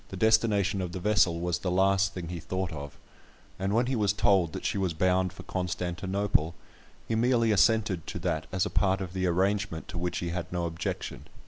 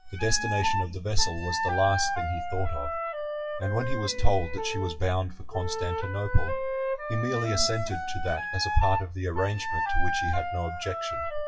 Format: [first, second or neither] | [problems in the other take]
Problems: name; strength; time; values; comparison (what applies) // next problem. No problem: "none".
first | noise reduction (classical method WPE with log-MMSE)